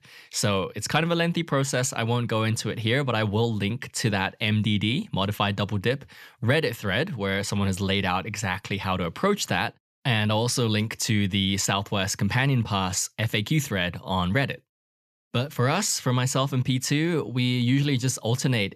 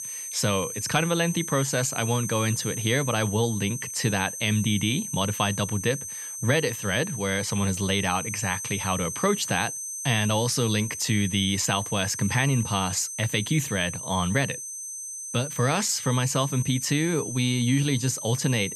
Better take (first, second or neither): first